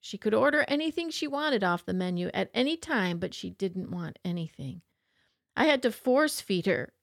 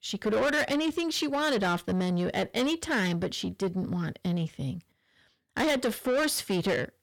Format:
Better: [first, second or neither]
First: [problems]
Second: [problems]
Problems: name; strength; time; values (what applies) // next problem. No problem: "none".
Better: first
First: none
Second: distortion; heavy; 7 dB below the speech